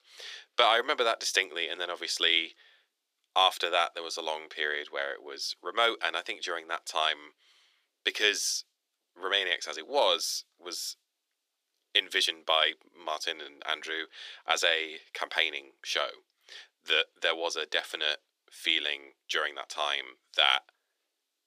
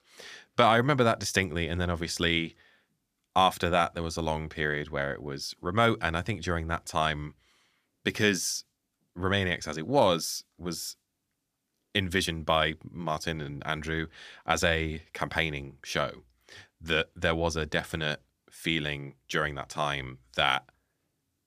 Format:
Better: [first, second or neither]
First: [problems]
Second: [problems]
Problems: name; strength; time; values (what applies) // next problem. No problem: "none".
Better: second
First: thin; very; fading below 350 Hz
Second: none